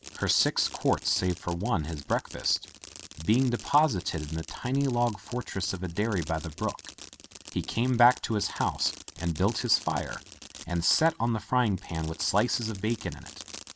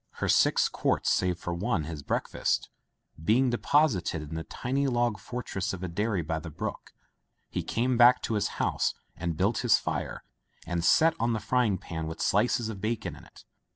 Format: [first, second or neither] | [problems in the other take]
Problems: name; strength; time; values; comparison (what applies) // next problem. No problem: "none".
second | background sound (Fireworks); 17 dB below the speech